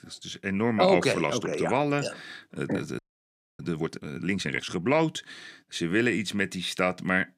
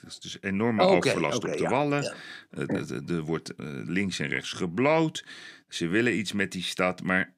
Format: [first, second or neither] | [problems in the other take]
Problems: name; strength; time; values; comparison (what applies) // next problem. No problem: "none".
second | audio freezing; at 3 s for 0.5 s